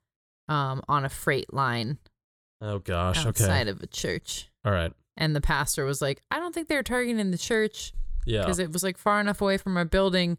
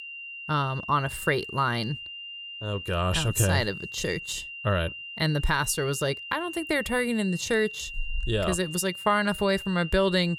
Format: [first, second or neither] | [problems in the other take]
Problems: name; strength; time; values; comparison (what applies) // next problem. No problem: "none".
first | high-pitched whine; loud; throughout; 3 kHz, 10 dB below the speech